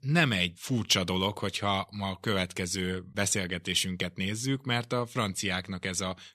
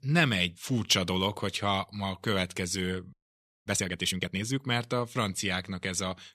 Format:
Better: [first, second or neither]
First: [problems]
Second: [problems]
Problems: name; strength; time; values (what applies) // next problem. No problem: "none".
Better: first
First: none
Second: audio freezing; at 3 s for 0.5 s